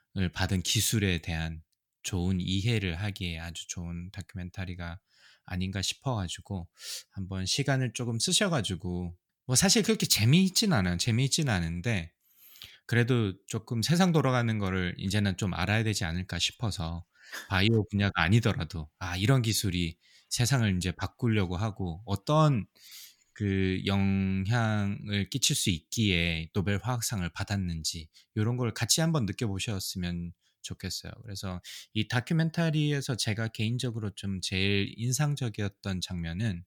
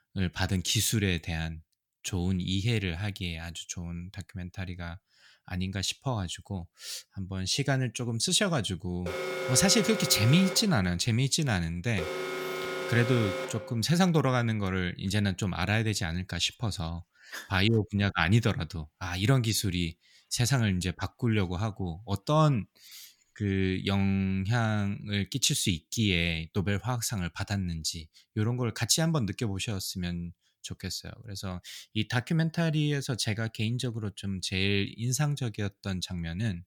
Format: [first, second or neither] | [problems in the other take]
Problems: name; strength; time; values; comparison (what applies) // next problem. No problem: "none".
first | alarm; noticeable; from 9 to 14 s; peak 3 dB below the speech